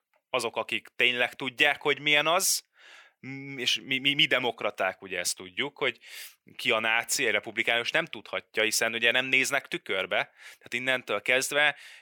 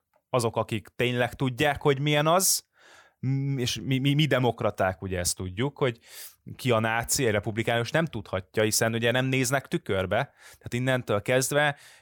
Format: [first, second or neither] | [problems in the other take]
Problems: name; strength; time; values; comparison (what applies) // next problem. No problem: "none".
second | thin; somewhat; fading below 300 Hz